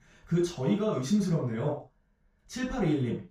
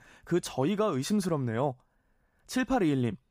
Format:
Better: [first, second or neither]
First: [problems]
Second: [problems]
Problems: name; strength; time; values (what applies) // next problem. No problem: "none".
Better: second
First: room echo; noticeable; dies away in 0.3 s // off-mic speech; far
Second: none